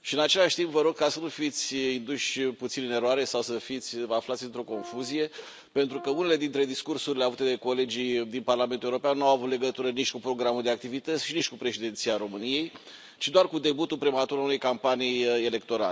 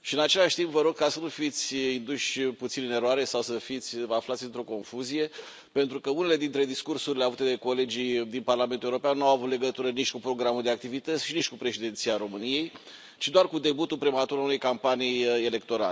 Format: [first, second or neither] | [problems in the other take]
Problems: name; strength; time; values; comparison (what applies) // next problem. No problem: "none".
second | background sound (Brass instrument); 18 dB below the speech